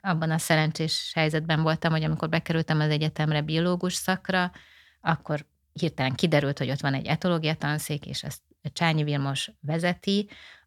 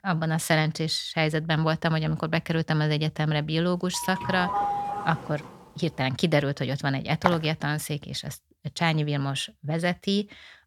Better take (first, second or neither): first